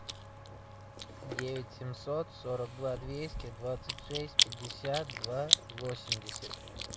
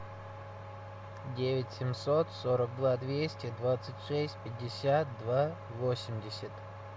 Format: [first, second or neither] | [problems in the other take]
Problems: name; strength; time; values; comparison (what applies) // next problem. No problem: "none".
second | background sound (Chewing, mastication); 2 dB above the speech